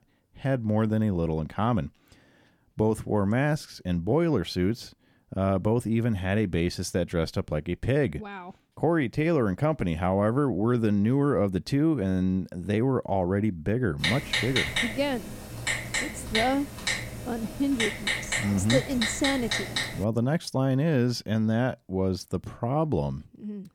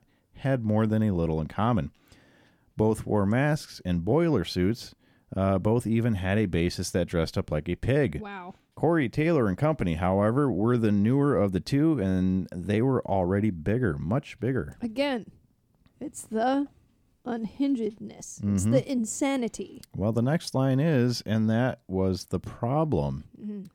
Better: second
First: keyboard typing; loud; from 14 to 20 s; peak 2 dB above the speech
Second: none

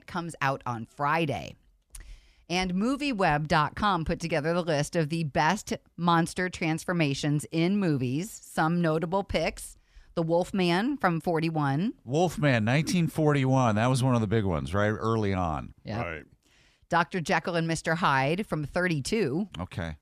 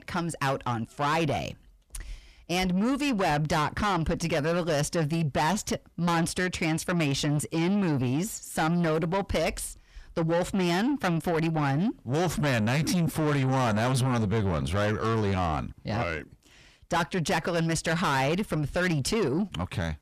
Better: first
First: none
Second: distortion; heavy; 7 dB below the speech

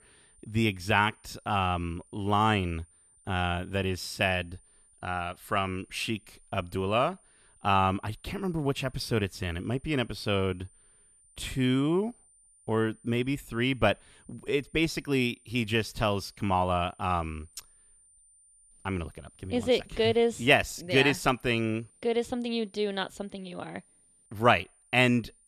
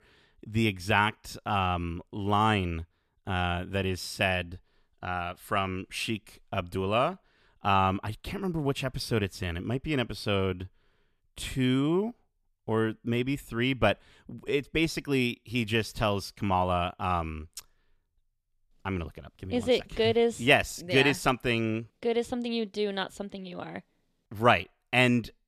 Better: second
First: high-pitched whine; faint; throughout; 9 kHz, 30 dB below the speech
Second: none

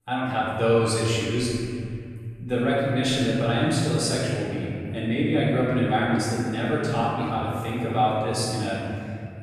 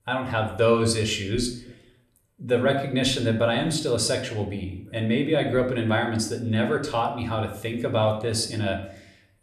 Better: second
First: room echo; strong; dies away in 2.7 s // off-mic speech; far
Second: room echo; slight; dies away in 0.5 s

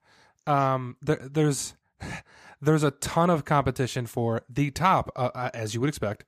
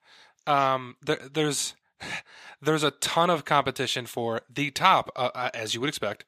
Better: first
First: none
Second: thin; somewhat; fading below 450 Hz

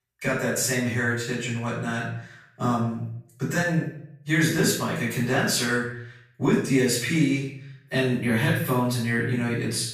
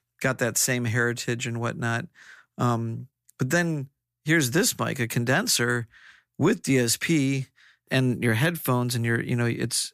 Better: second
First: room echo; noticeable; dies away in 0.6 s // off-mic speech; far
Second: none

